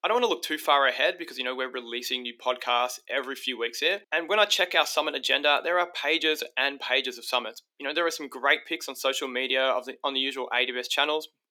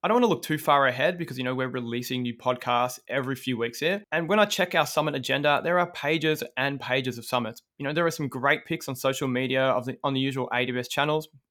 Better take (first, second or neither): second